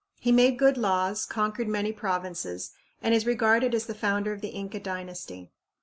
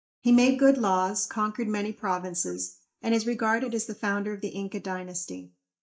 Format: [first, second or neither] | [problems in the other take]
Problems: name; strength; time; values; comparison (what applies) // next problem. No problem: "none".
first | noise reduction (neural mask model DeepFilterNet 3)